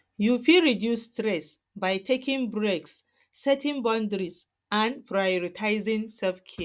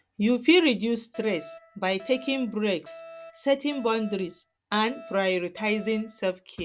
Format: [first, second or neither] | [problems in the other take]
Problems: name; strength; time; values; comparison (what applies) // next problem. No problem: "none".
first | background sound (Alarm); 19 dB below the speech